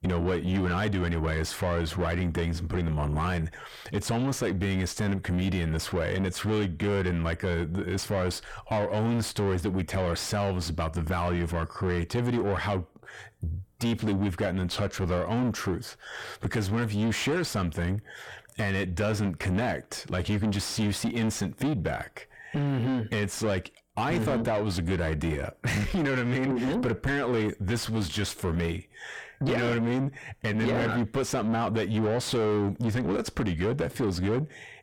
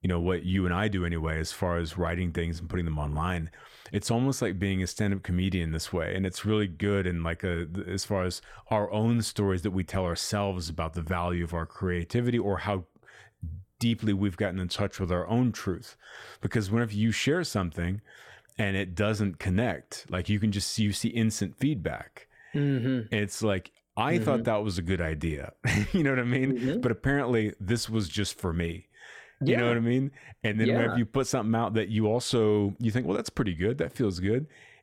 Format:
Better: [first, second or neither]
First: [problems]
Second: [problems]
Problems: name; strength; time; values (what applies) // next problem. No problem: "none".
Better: second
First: distortion; heavy; 7 dB below the speech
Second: none